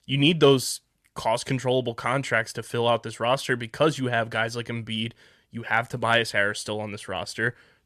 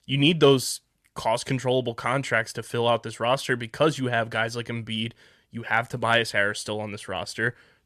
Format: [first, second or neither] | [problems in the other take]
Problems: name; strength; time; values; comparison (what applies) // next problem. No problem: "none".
neither | none